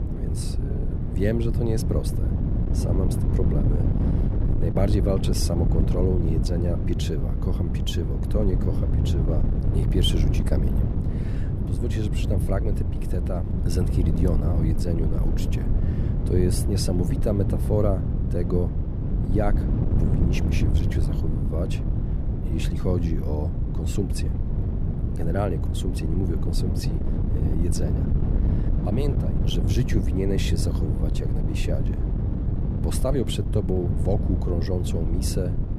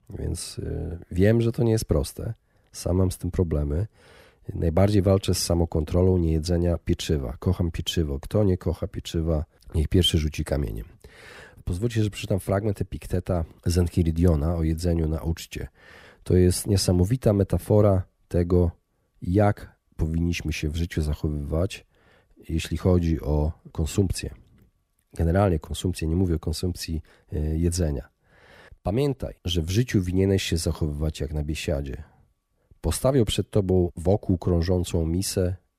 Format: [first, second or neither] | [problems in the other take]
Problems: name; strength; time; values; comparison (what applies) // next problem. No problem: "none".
second | wind noise on the microphone; heavy; 4 dB below the speech